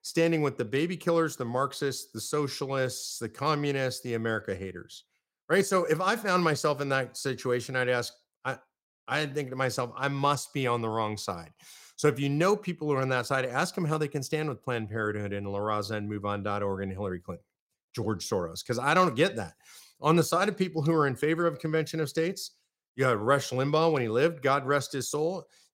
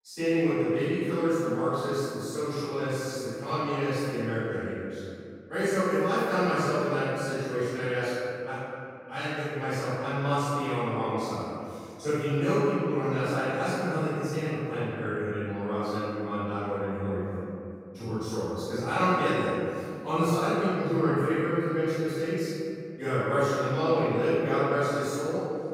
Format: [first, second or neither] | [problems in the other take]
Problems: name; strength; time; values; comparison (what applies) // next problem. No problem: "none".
first | off-mic speech; far // room echo; strong; dies away in 2.5 s